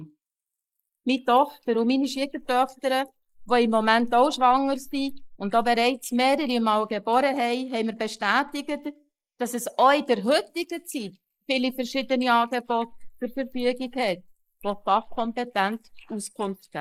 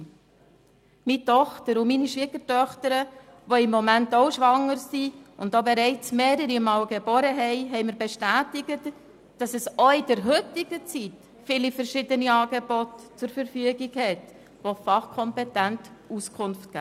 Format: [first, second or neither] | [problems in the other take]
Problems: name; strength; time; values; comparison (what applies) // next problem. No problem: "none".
second | noise reduction (neural mask model Resemble Enhance denoiser)